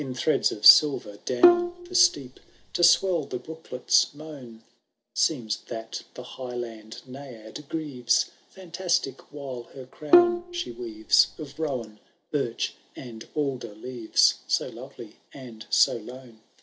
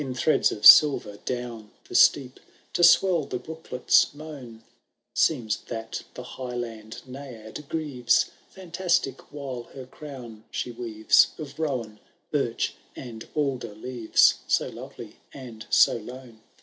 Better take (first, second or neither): second